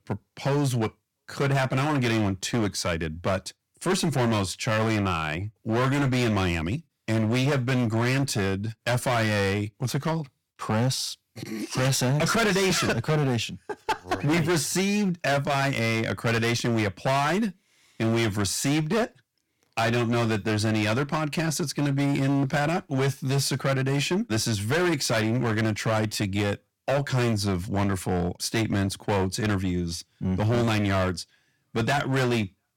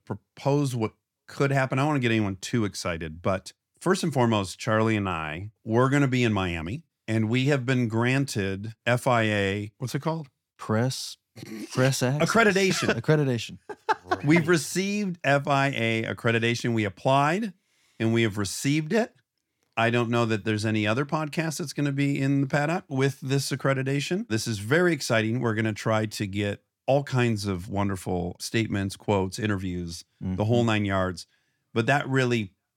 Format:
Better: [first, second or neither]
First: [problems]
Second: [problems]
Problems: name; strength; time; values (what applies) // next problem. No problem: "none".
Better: second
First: distortion; heavy; 17% of the sound clipped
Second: none